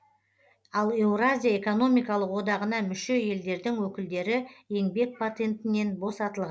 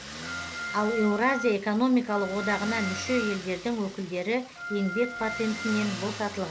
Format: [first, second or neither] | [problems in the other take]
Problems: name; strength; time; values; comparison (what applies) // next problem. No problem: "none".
first | background sound (Organ + Motor vehicle (road)); 8 dB below the speech